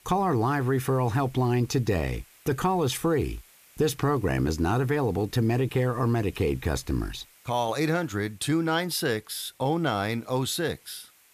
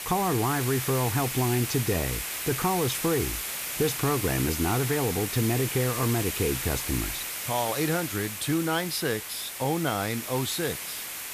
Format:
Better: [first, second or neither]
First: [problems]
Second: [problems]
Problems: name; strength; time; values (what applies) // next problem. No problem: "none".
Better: first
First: hiss; faint; throughout; 25 dB below the speech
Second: hiss; loud; throughout; 3 dB below the speech